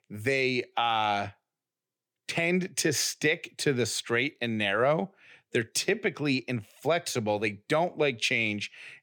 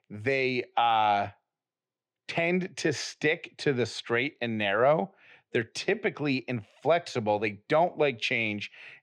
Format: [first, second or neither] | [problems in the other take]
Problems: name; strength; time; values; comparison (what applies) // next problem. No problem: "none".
first | muffled; slightly; fading above 4 kHz